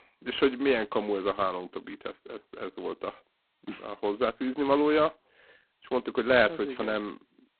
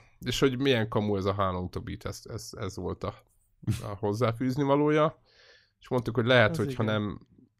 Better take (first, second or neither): second